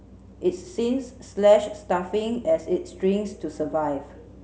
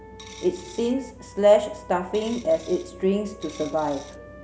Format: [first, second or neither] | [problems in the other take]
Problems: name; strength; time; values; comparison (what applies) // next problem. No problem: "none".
first | background sound (Wind instrument, woodwind instrument + Coin (dropping)); 19 dB below the speech